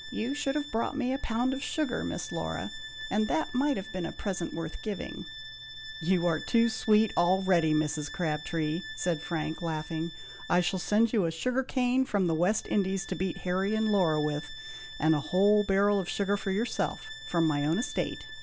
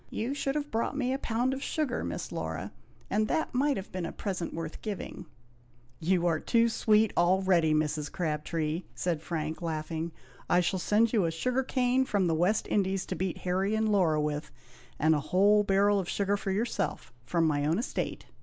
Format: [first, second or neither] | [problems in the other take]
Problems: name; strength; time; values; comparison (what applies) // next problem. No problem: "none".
second | background sound (Bowed string instrument); 15 dB below the speech